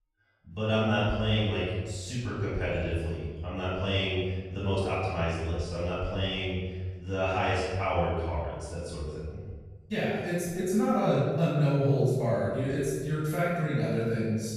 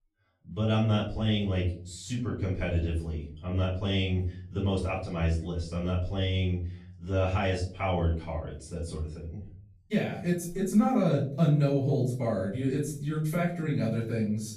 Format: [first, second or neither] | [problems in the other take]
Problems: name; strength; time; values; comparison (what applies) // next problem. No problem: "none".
second | room echo; strong; dies away in 1.2 s; slight in the second // off-mic speech; far; far in the second